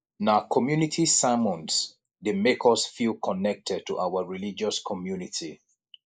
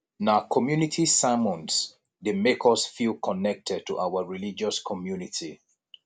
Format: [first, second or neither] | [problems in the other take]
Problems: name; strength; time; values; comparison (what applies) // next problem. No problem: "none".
second | noise reduction (neural mask model Resemble Enhance denoiser)